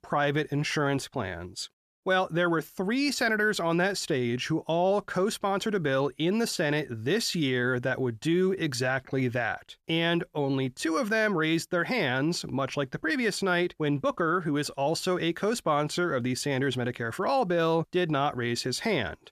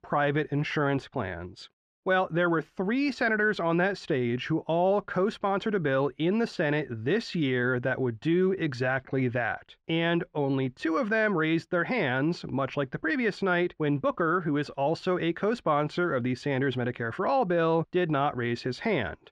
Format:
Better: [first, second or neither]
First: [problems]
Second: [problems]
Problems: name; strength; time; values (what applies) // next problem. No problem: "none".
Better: first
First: none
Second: muffled; slightly; fading above 2.5 kHz